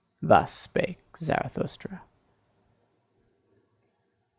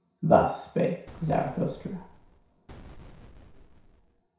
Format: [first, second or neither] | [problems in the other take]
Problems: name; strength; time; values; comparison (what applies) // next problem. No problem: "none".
first | background sound (Boom); 19 dB below the speech // room echo; dies away in 0.6 s